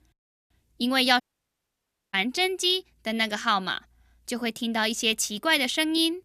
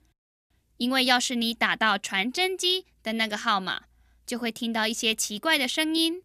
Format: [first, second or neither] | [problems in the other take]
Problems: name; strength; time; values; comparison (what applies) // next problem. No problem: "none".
second | audio cutting out; at 1 s for 1 s